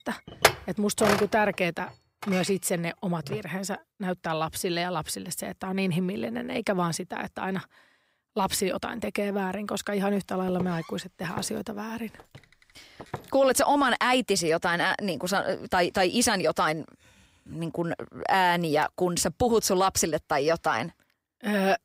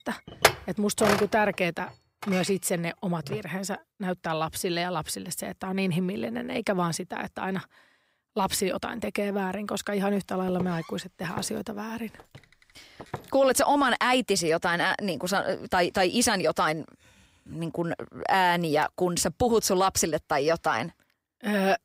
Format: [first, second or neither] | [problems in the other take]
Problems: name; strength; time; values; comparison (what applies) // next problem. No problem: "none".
neither | clattering dishes; loud; until 3.5 s; peak 4 dB above the speech; the same in both // footsteps; faint; from 10 to 13 s; peak 15 dB below the speech; the same in both